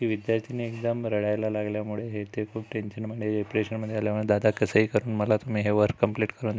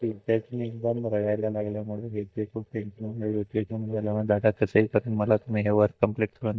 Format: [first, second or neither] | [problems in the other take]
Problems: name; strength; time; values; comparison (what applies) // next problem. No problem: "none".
first | noise reduction (neural mask model DeepFilterNet 3)